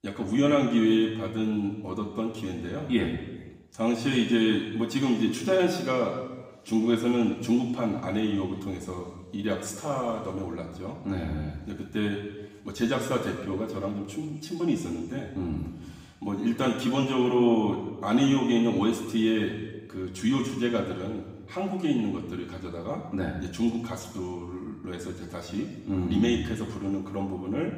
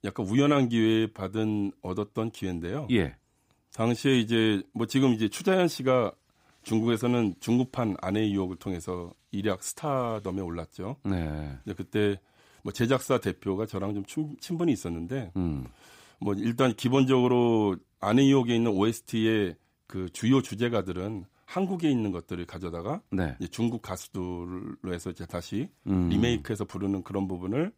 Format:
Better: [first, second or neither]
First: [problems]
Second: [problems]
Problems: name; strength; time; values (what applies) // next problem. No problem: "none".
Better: second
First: room echo; noticeable; dies away in 1.2 s // off-mic speech; far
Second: none